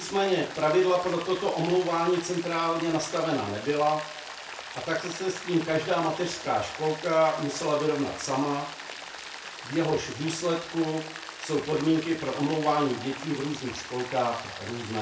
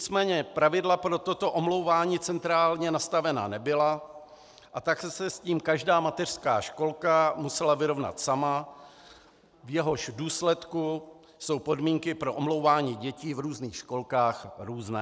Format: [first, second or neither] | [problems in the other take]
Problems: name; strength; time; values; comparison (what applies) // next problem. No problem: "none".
second | background sound (Rain); 12 dB below the speech // room echo; dies away in 0.3 s